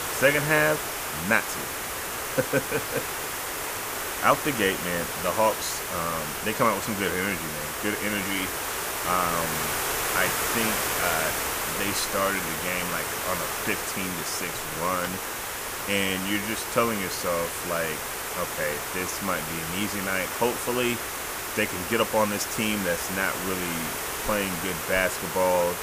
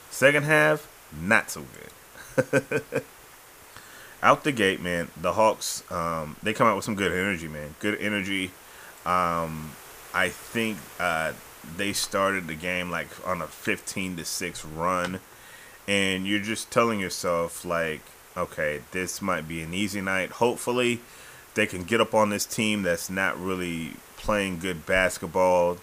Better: second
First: hiss; loud; throughout; 1 dB below the speech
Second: hiss; faint; throughout; 20 dB below the speech

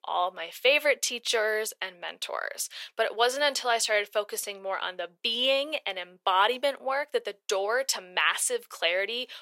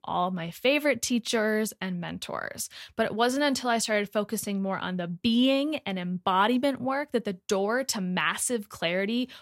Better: second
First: thin; very; fading below 450 Hz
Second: none

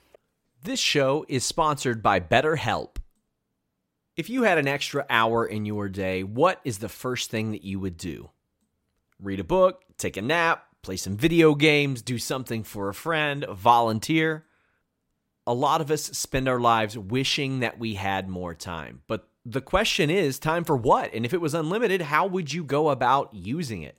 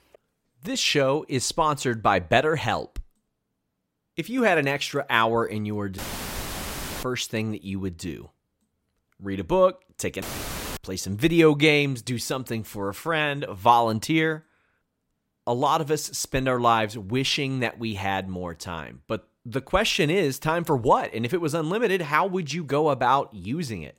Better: first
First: none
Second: audio cutting out; filled with static; at 6 s for 1 s and at 10 s for 0.5 s

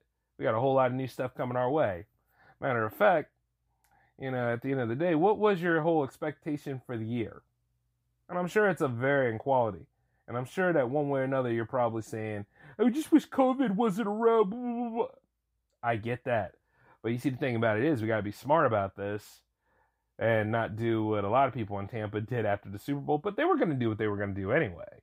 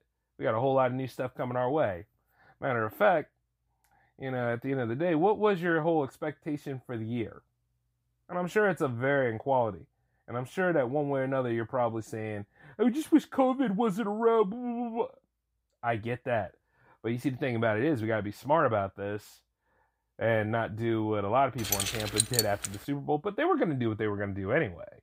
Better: first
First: none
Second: jangling keys; loud; from 22 to 23 s; peak 3 dB above the speech

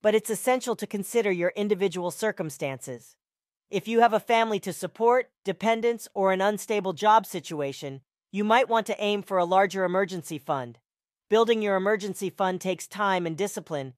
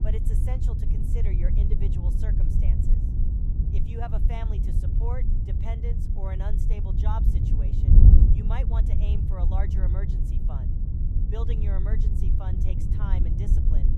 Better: first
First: none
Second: wind noise on the microphone; heavy; 1 dB above the speech

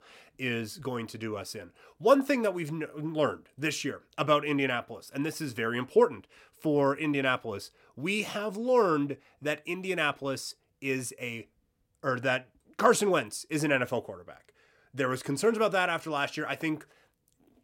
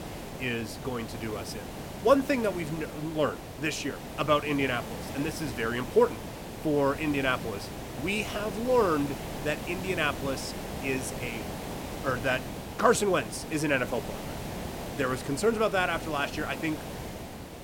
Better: first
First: none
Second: hiss; loud; throughout; 9 dB below the speech

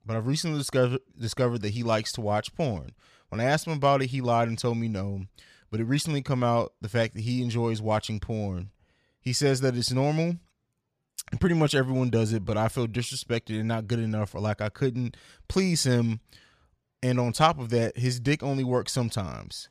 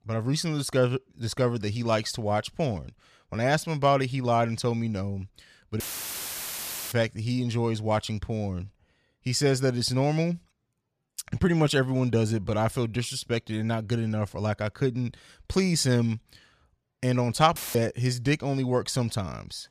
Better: first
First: none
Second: audio cutting out; filled with static; at 6 s for 1 s and at 18 s

